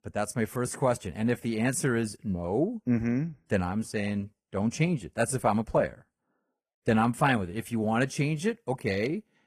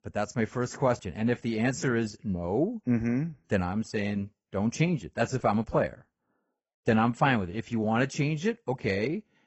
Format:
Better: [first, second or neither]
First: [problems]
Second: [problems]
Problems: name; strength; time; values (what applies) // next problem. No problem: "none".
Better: first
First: garbled, watery; slightly; nothing above 13.5 kHz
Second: garbled, watery; badly; nothing above 8 kHz